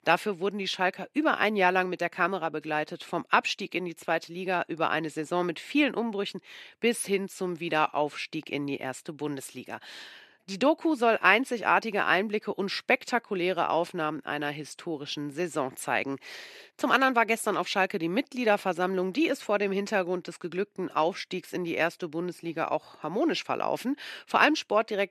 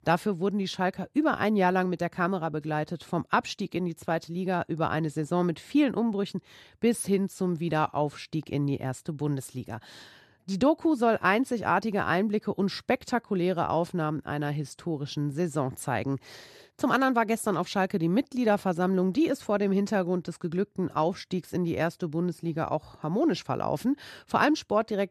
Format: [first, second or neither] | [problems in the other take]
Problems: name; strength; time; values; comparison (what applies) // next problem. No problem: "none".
second | thin; very slightly; fading below 300 Hz